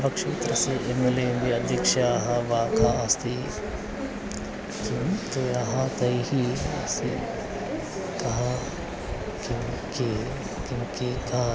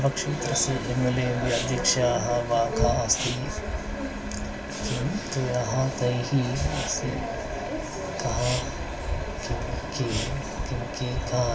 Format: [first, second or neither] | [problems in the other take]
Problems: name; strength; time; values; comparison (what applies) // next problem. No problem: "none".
first | background sound (Respiratory sounds); 16 dB below the speech // room echo; dies away in 0.2 s